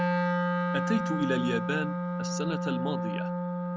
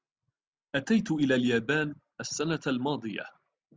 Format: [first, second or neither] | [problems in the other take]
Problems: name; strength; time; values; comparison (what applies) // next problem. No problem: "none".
second | background sound (Wind instrument, woodwind instrument); 4 dB above the speech